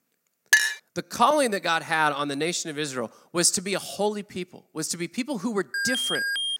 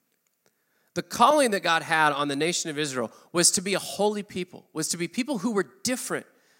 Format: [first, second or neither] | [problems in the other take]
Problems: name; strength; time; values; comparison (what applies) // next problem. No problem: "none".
second | clattering dishes; loud; at 0.5 s; peak 6 dB above the speech // alarm; loud; at 5.5 s; peak 1 dB above the speech